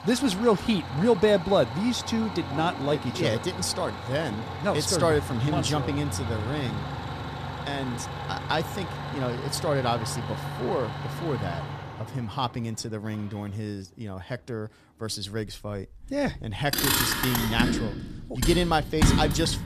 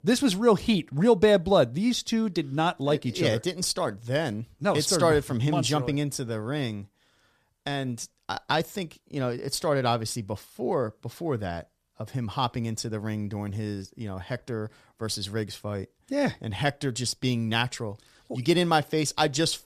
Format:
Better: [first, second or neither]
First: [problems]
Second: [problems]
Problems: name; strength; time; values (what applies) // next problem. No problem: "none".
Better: second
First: traffic noise; loud; throughout; 3 dB below the speech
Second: none